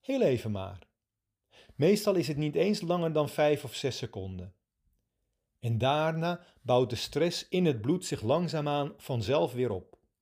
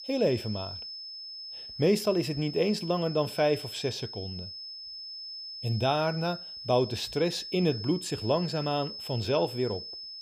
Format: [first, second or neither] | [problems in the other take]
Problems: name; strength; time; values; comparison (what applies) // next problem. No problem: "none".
first | high-pitched whine; loud; throughout; 5 kHz, 9 dB below the speech